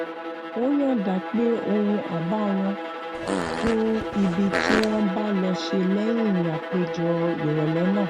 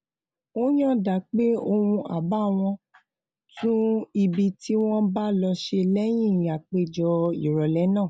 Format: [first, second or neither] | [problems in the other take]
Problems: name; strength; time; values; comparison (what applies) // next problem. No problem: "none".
second | background sound (Bowed string instrument + Fart); 5 dB below the speech